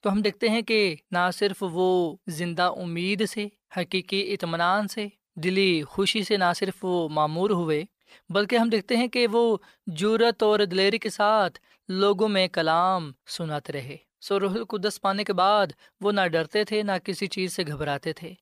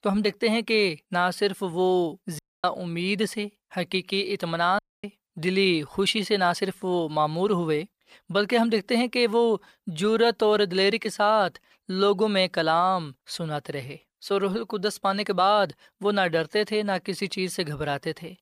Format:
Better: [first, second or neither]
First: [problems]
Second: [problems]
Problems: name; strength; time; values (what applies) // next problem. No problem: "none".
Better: first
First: none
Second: audio cutting out; at 2.5 s and at 5 s